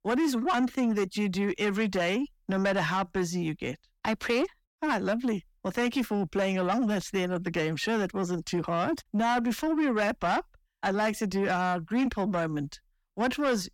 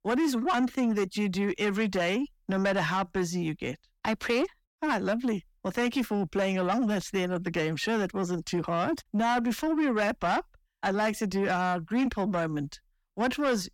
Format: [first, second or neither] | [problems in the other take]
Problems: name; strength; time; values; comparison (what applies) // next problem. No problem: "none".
neither | distortion; slight; 10 dB below the speech; the same in both